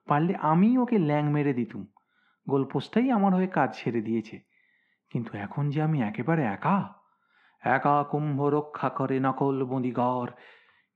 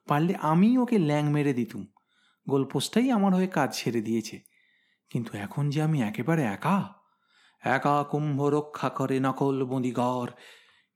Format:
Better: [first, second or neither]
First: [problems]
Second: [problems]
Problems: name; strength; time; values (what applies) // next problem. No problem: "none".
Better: second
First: muffled; very; fading above 2 kHz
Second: none